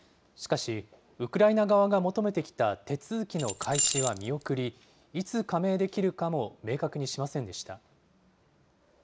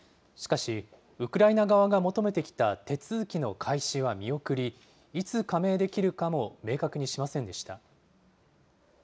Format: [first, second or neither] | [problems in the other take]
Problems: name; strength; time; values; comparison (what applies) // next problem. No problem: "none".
second | background sound (Keys jangling); 2 dB below the speech